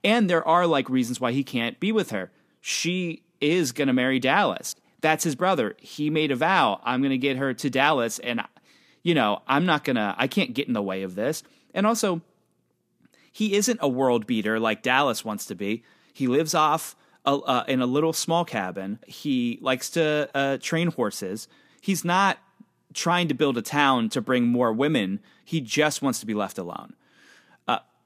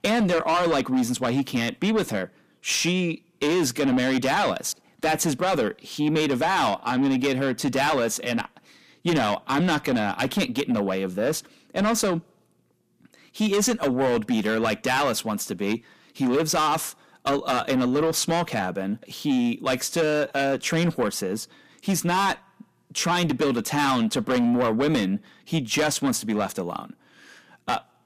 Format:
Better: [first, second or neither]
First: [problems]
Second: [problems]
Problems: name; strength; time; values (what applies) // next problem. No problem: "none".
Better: first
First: none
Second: distortion; heavy; 7 dB below the speech